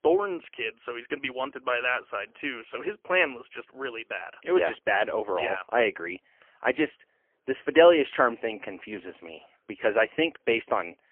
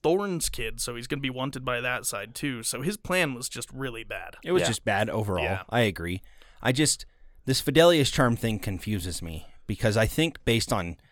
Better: second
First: phone-call audio; poor line; nothing above 3 kHz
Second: none

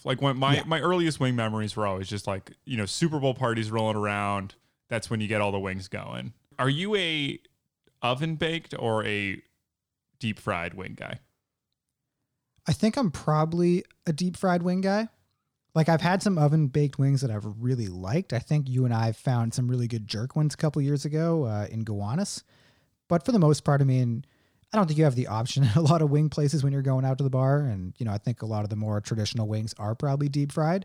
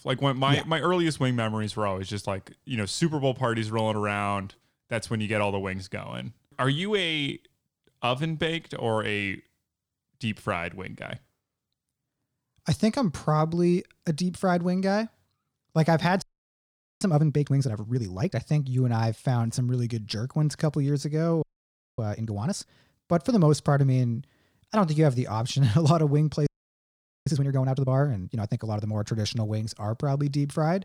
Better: first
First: none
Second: audio freezing; at 16 s for 1 s, at 21 s for 0.5 s and at 26 s for 1 s

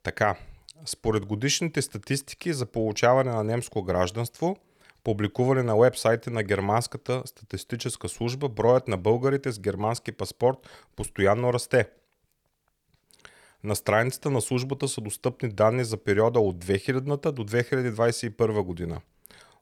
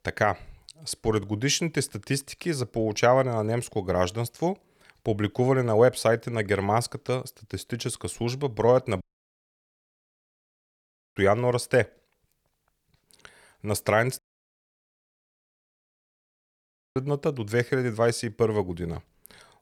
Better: first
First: none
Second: audio cutting out; at 9 s for 2 s and at 14 s for 3 s

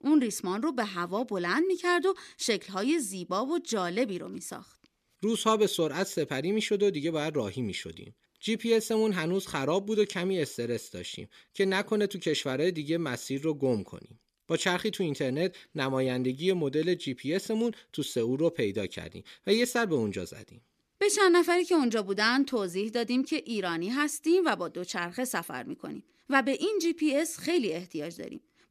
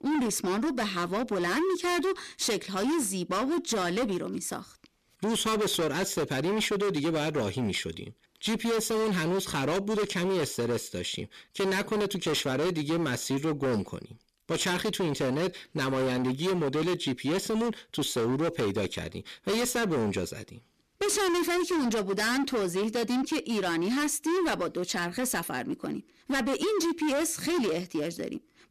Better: first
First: none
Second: distortion; heavy; 26% of the sound clipped

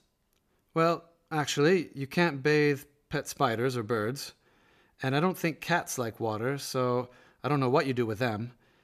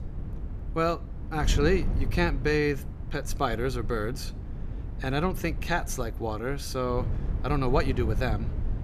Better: first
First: none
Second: wind noise on the microphone; occasional gusts; 15 dB below the speech

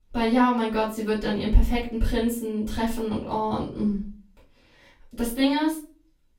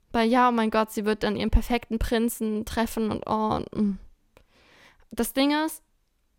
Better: second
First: off-mic speech; far // room echo; slight; dies away in 0.3 s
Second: none

